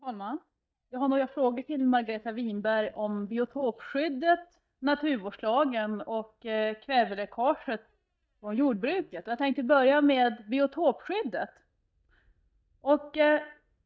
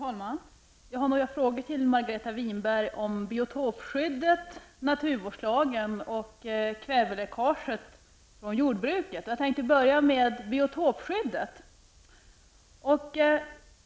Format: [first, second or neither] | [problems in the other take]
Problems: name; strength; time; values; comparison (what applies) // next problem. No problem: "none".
second | noise reduction (neural mask model DeepFilterNet 3)